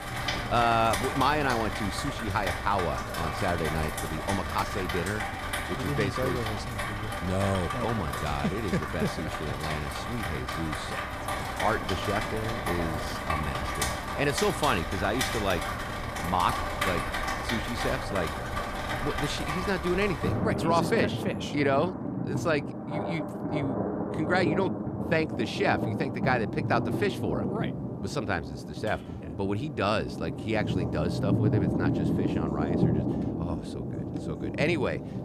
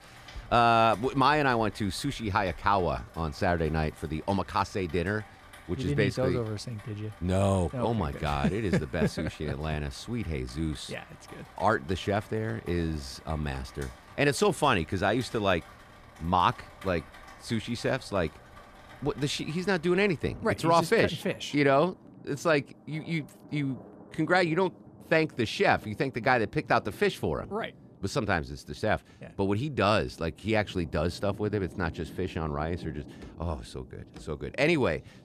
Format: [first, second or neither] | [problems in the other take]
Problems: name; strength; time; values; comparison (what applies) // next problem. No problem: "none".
second | rain or running water; loud; throughout; 1 dB below the speech; faint in the second